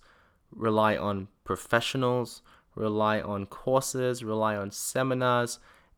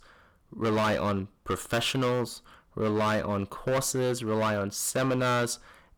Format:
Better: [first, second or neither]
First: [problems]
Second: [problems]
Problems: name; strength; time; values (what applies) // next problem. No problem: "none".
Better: first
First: none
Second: distortion; heavy; 13% of the sound clipped